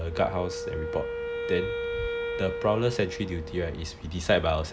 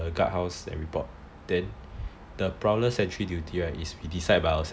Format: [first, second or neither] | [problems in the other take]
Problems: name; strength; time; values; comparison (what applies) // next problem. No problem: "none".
second | background sound (Wind instrument, woodwind instrument); 5 dB below the speech